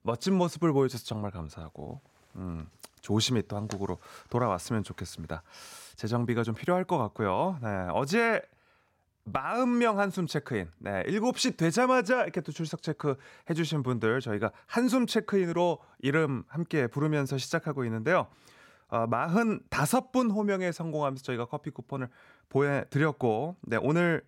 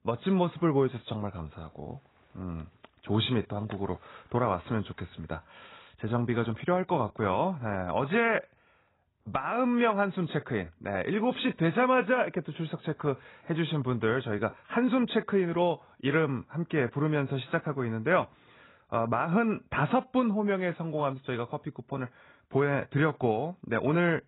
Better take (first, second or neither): first